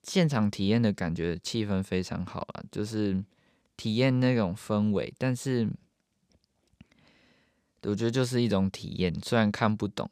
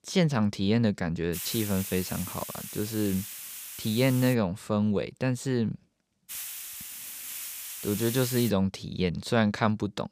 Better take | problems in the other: first | hiss; loud; from 1.5 to 4.5 s and from 6.5 to 8.5 s; 8 dB below the speech

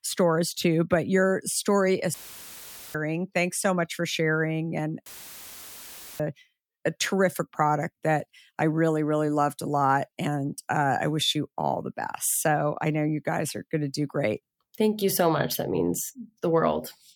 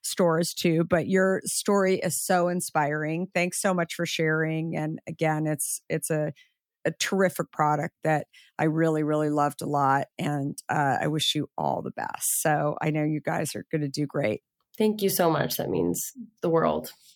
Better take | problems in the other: second | audio cutting out; filled with static; at 2 s for 1 s and at 5 s for 1 s

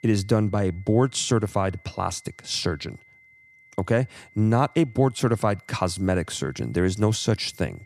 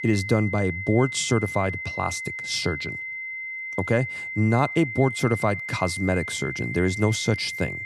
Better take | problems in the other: first | high-pitched whine; loud; throughout; 2 kHz, 6 dB below the speech; faint in the first

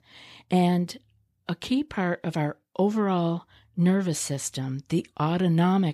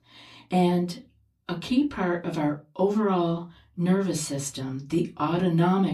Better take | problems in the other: first | off-mic speech; far // room echo; very slight; dies away in 0.2 s

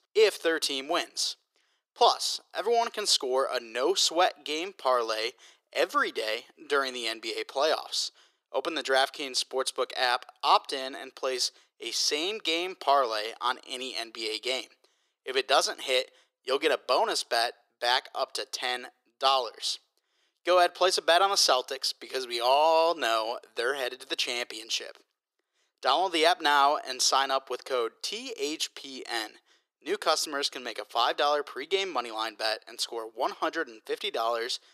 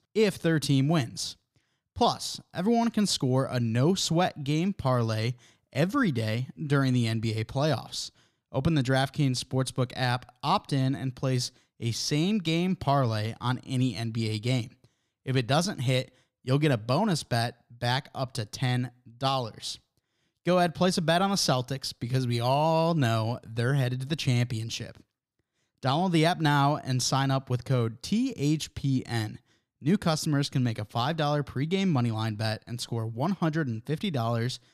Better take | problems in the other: second | thin; very; fading below 400 Hz

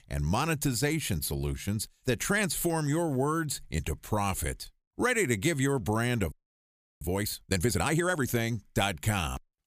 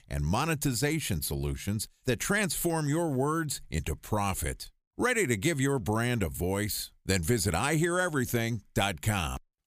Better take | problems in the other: second | audio freezing; at 6.5 s for 0.5 s

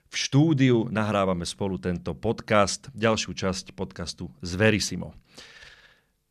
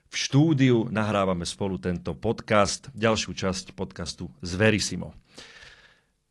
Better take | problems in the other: first | garbled, watery; slightly

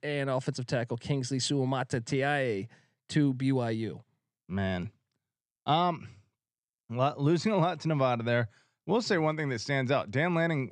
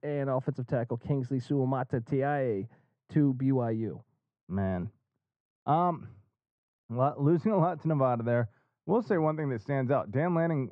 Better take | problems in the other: first | muffled; very; fading above 2 kHz

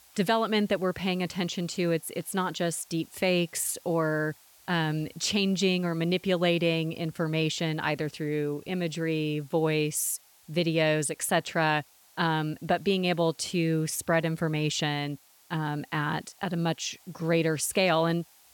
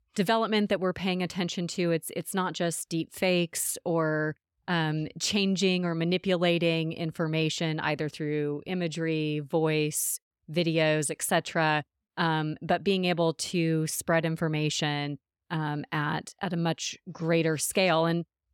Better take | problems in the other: second | hiss; faint; throughout; 25 dB below the speech

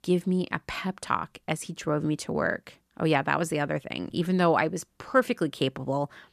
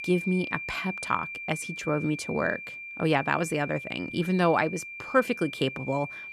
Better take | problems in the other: first | high-pitched whine; loud; throughout; 2.5 kHz, 8 dB below the speech

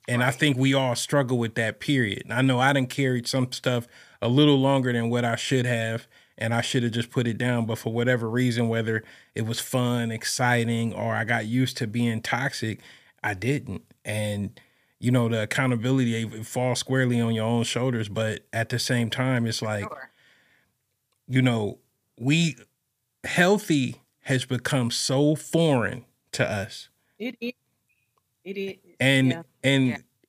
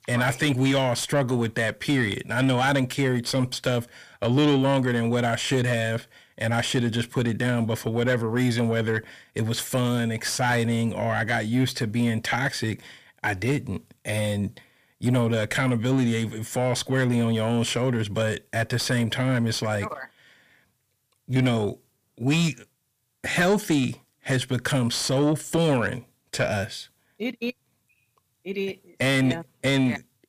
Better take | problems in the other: first | distortion; slight; 10 dB below the speech

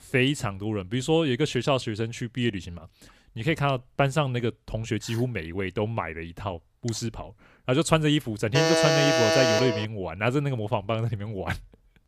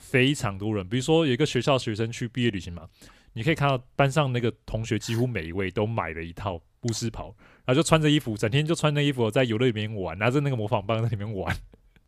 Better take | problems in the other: second | alarm; loud; from 8.5 to 10 s; peak 6 dB above the speech

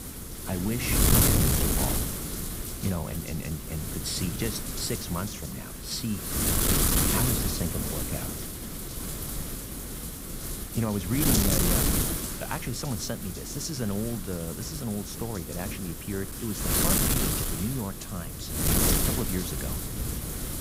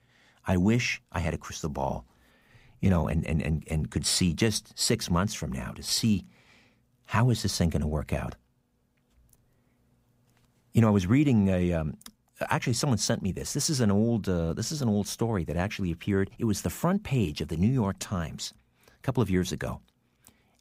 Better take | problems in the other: second | wind noise on the microphone; heavy; 5 dB above the speech

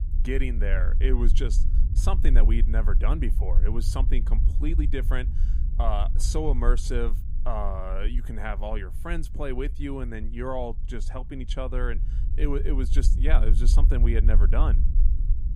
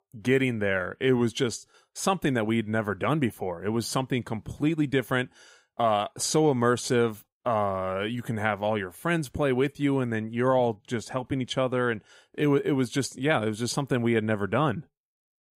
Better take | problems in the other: second | low rumble; noticeable; throughout; 15 dB below the speech

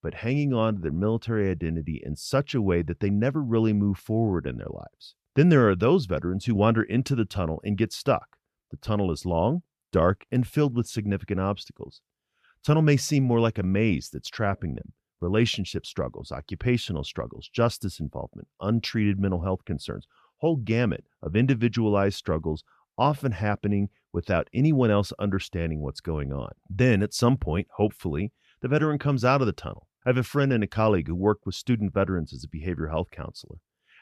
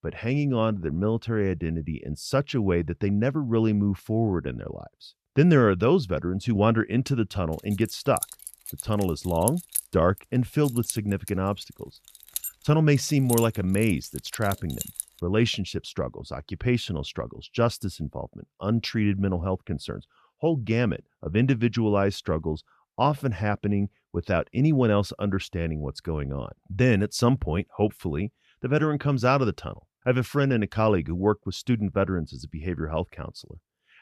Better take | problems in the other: first | jangling keys; noticeable; from 8 to 15 s; peak 2 dB below the speech

